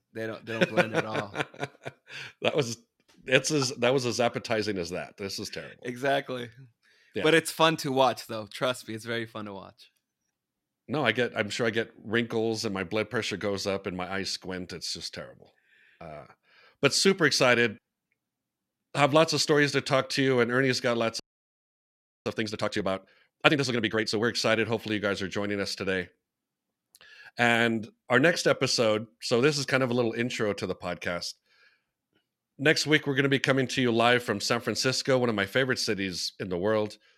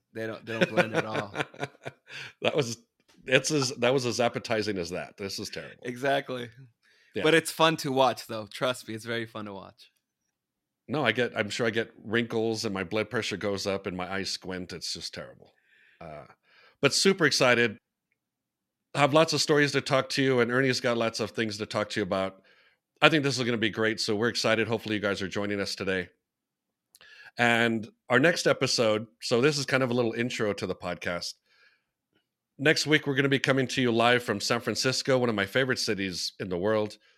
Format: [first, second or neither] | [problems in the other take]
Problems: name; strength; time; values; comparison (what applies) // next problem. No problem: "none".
second | audio freezing; at 21 s for 1 s